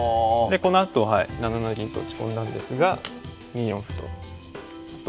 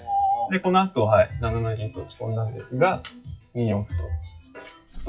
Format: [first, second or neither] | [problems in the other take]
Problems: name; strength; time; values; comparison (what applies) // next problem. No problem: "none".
first | noise reduction (classical method WPE with log-MMSE)